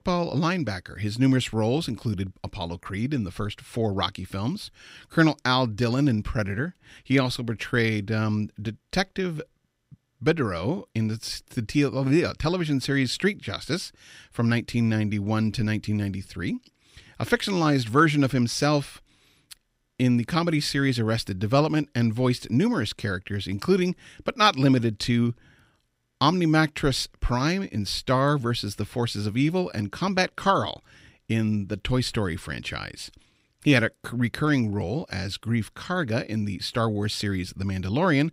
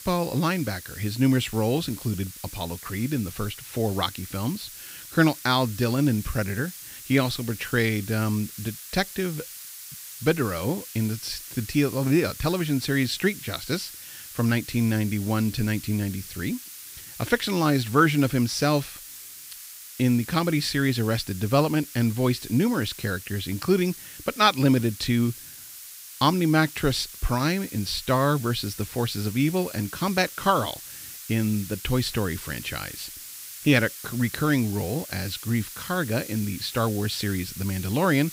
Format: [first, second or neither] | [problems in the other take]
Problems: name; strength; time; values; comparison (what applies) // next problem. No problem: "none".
first | hiss; noticeable; throughout; 15 dB below the speech